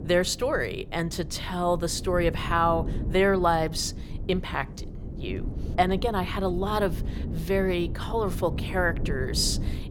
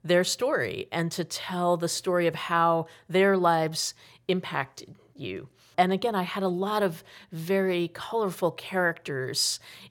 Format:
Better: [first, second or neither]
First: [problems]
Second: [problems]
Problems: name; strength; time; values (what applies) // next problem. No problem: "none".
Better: second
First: wind noise on the microphone; occasional gusts; 15 dB below the speech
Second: none